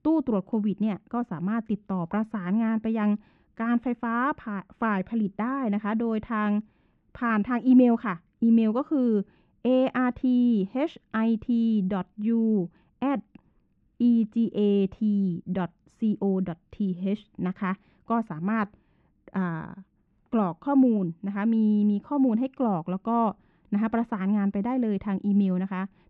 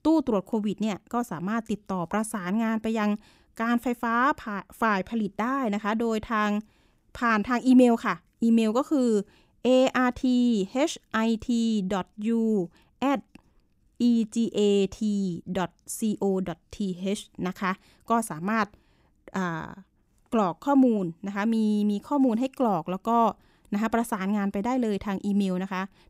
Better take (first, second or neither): second